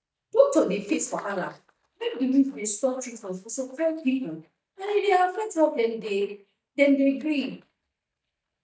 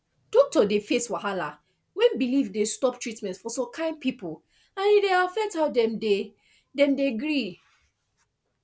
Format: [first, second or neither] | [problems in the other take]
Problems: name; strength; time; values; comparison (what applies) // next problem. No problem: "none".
second | noise reduction (neural mask model DeepFilterNet 3)